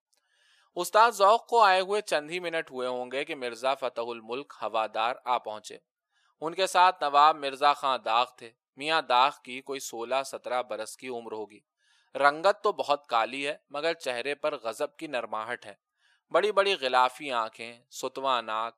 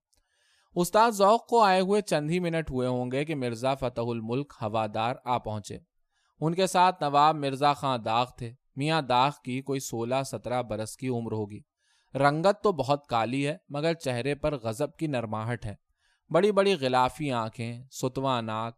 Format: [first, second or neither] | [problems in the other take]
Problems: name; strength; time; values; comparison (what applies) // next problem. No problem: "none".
second | thin; very; fading below 500 Hz